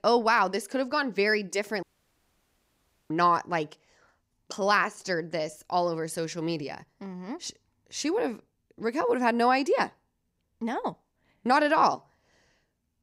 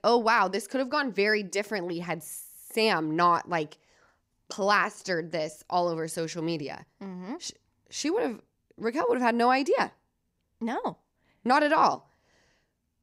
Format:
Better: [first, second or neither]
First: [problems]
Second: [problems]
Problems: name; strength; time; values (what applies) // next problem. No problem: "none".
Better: second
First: audio cutting out; at 2 s for 1.5 s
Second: none